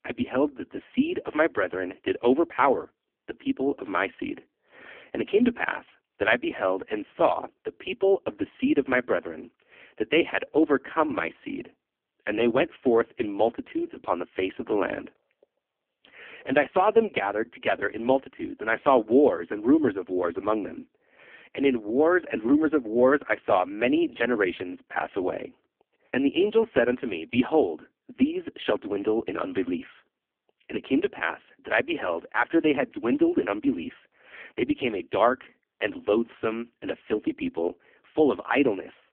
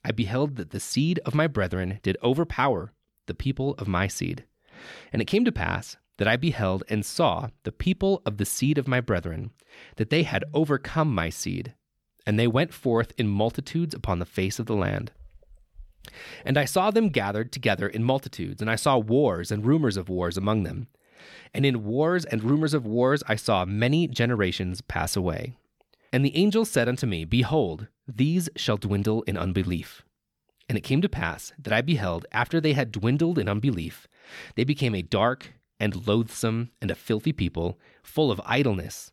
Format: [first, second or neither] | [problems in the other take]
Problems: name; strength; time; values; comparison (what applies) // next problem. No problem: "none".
second | phone-call audio; poor line